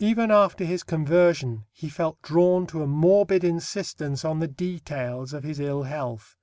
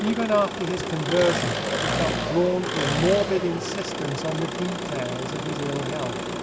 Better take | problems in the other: first | background sound (Engine); 2 dB below the speech

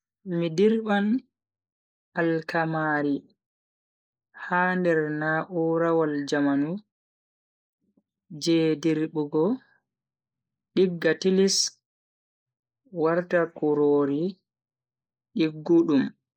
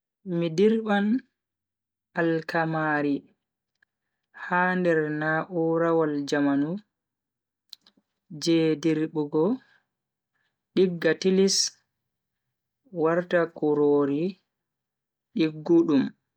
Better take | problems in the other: second | noise reduction (neural mask model Resemble Enhance denoiser)

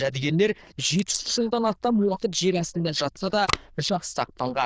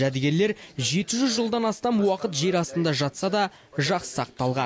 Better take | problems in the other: second | noise reduction (neural diffusion model UNIVERSE++)

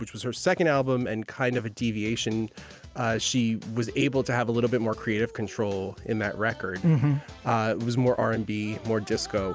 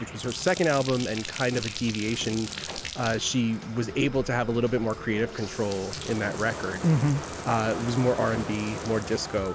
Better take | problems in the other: first | background sound (Bathtub (filling or washing)); 10 dB below the speech

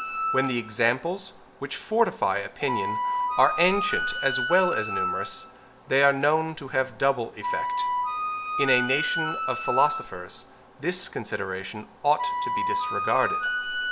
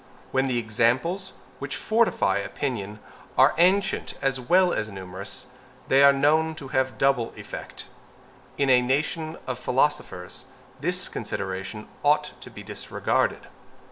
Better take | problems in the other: second | background sound (Wind instrument, woodwind instrument); 3 dB below the speech

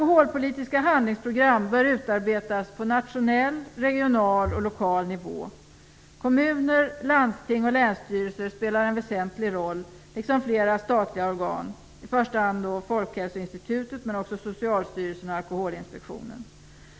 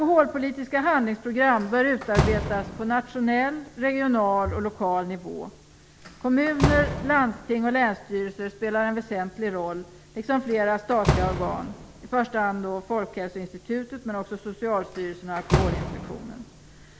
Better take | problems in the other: first | background sound (Slam); 7 dB below the speech

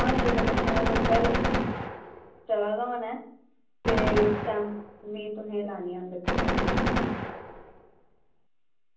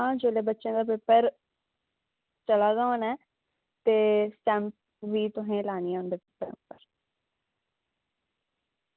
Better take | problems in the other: second | background sound (Gunshot, gunfire); 3 dB above the speech // room echo; dies away in 0.6 s

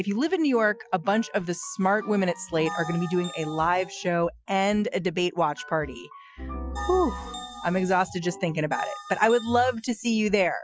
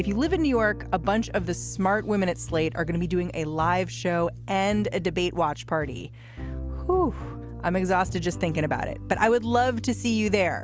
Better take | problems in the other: second | noise reduction (classical method Wiener filter)

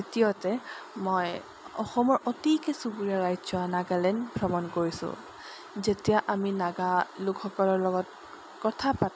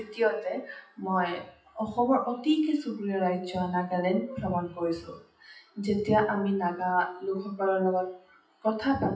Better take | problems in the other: first | noise reduction (classical method WPE with log-MMSE)

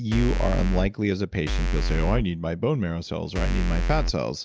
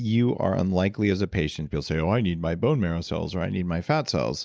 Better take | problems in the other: second | background sound (Bass drum / Keyboard (musical)); 2 dB above the speech

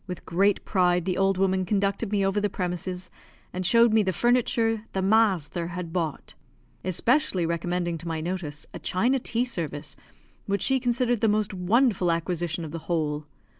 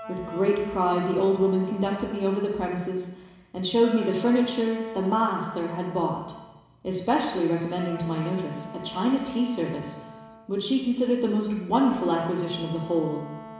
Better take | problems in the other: first | background sound (Wind instrument, woodwind instrument); 16 dB below the speech // room echo; dies away in 1 s

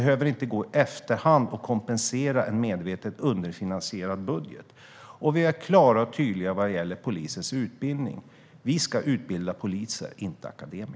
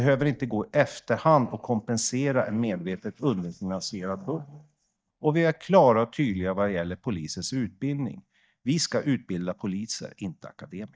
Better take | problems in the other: first | noise reduction (neural mask model DeepFilterNet 3)

